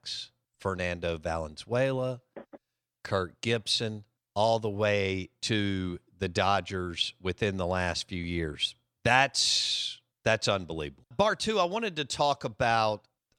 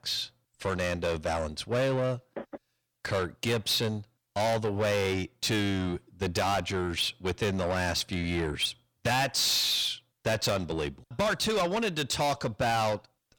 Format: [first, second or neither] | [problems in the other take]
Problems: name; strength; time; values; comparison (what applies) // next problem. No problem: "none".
first | distortion; heavy; 6 dB below the speech